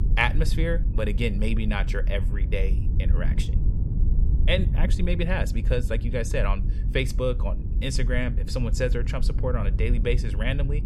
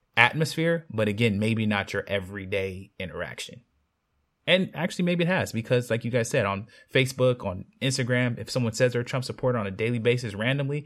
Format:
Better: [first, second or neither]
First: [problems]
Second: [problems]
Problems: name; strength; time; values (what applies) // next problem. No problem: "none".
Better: second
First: low rumble; noticeable; throughout; 15 dB below the speech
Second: none